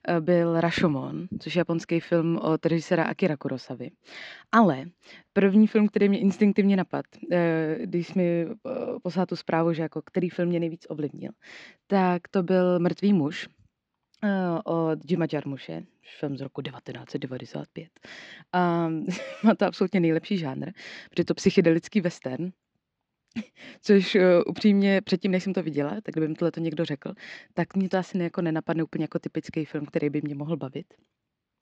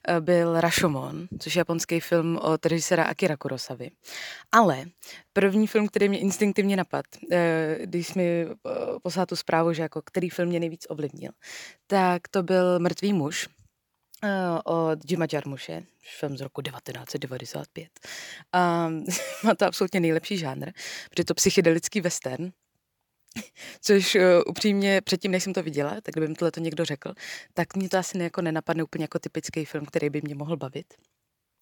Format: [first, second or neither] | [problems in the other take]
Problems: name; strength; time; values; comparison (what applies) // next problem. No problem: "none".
second | muffled; slightly; fading above 4.5 kHz